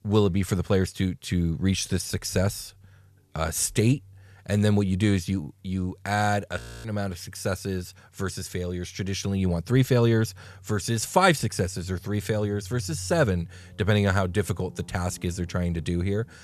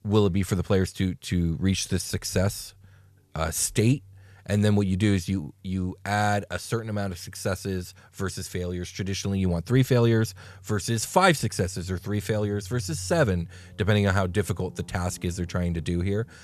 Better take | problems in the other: second | audio freezing; at 6.5 s

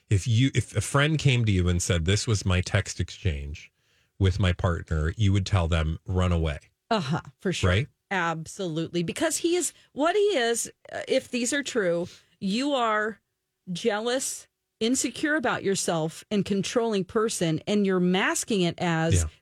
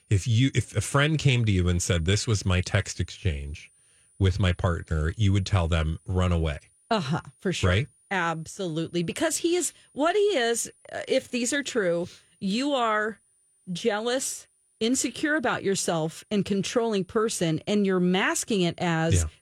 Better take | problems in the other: first | high-pitched whine; faint; throughout; 9.5 kHz, 35 dB below the speech

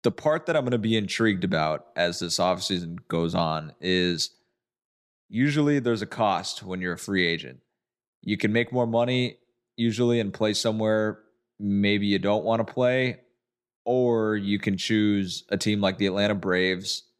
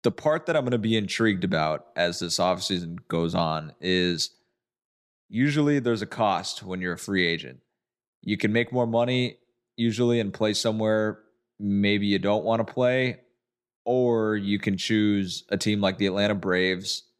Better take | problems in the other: neither | none

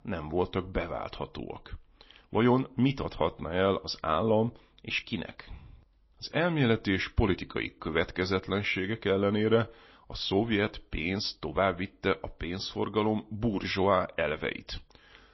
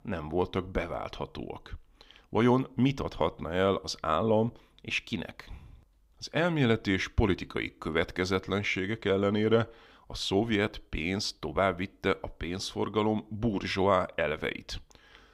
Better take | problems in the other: second | garbled, watery; slightly; nothing above 5.5 kHz

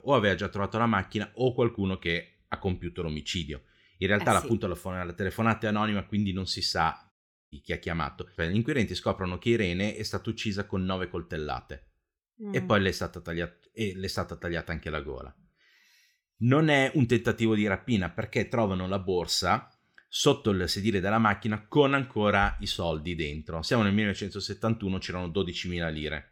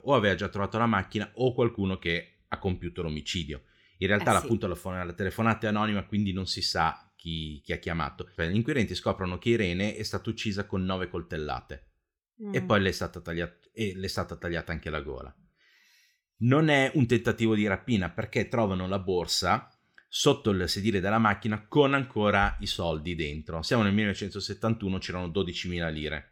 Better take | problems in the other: second | audio cutting out; at 7 s

